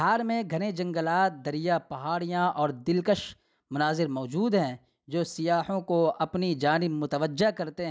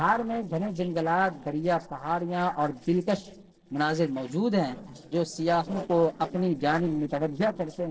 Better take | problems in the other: first | noise reduction (neural separator model SepFormer DNS4)

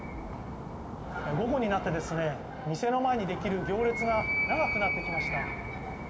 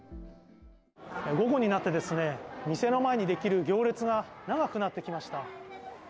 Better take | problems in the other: second | background sound (Animal); 4 dB below the speech // room echo; dies away in 1.4 s

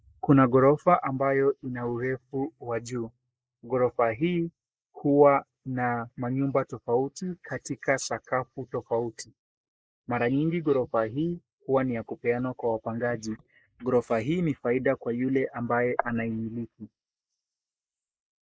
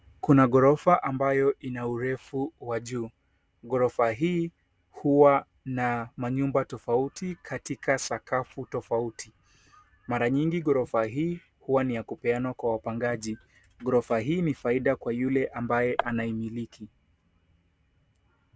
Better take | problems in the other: second | noise reduction (neural mask model Resemble Enhance denoiser)

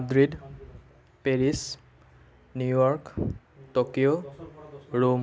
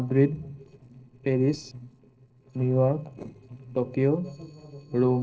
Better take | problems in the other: first | noise reduction (neural separator model SepFormer DNS4)

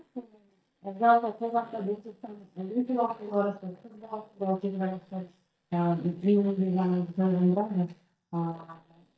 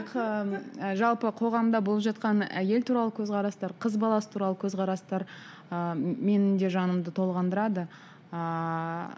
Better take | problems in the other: second | noise reduction (neural mask model DeepFilterNet 3)

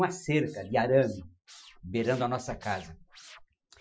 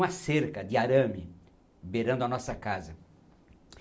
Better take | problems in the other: second | noise reduction (classical method Wiener filter)

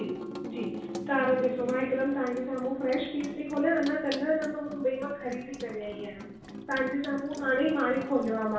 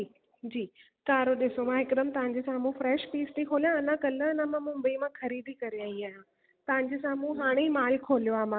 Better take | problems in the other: second | background sound (Sink (filling or washing) / Water tap, faucet); 11 dB below the speech // room echo; dies away in 0.6 s

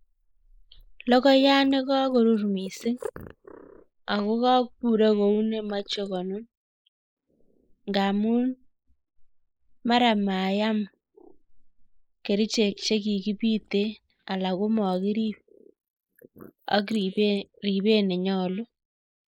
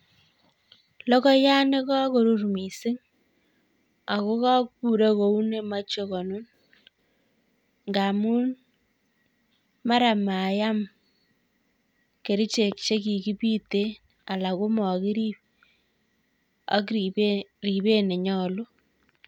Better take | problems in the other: second | noise reduction (neural mask model Resemble Enhance denoiser)

